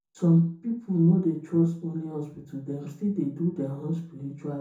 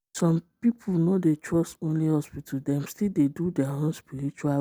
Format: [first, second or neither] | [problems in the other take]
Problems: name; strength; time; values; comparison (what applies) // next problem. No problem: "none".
second | room echo; dies away in 0.6 s